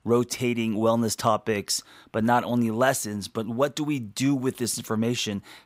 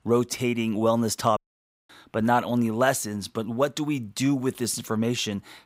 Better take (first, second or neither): first